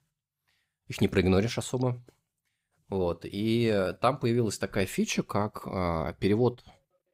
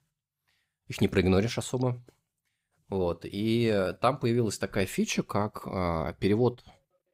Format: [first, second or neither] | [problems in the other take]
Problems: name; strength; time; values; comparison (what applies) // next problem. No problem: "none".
neither | none